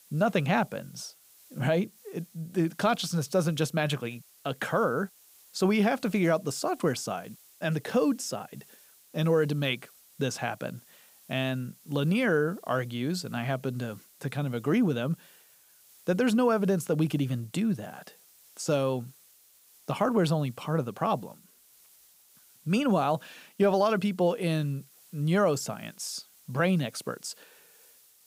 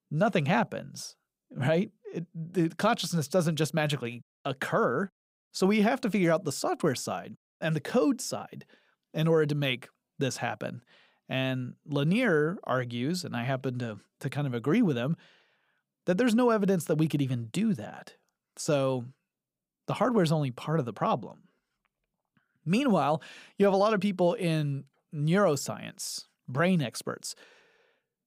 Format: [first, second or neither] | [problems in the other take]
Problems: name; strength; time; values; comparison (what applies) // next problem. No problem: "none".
second | hiss; faint; throughout; 25 dB below the speech